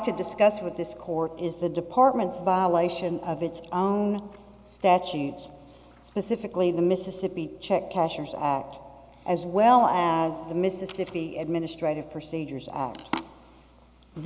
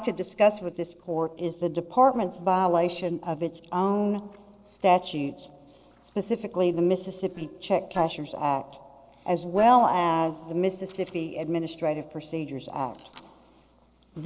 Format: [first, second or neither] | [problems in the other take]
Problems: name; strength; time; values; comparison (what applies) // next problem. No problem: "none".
first | noise reduction (neural separator model SepFormer DNS4)